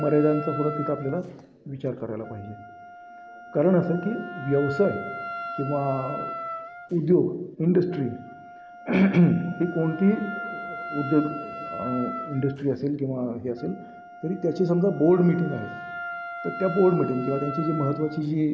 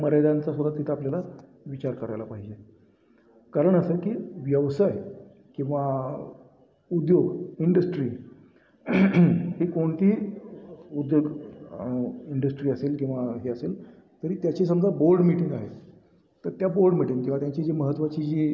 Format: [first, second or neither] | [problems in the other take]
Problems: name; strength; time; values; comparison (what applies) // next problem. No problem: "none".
second | background sound (Wind instrument, woodwind instrument); 12 dB below the speech